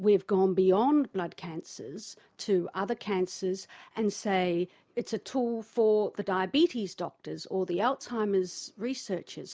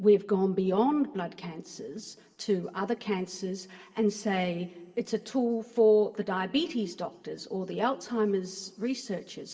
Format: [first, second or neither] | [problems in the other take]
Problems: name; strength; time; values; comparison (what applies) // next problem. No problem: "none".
first | room echo; dies away in 1.7 s